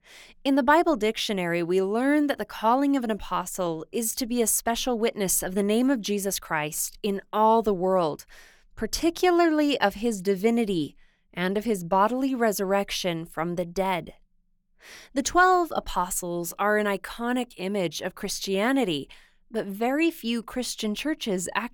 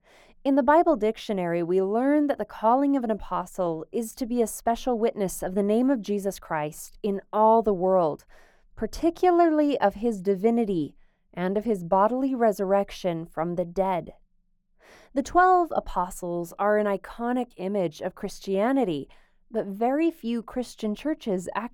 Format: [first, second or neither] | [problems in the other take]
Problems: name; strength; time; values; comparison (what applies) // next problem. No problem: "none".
first | muffled; slightly; fading above 1.5 kHz